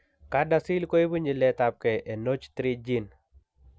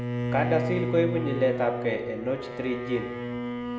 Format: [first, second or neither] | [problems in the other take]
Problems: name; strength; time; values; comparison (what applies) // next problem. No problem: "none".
first | background sound (Bowed string instrument); 3 dB below the speech // room echo; dies away in 0.9 s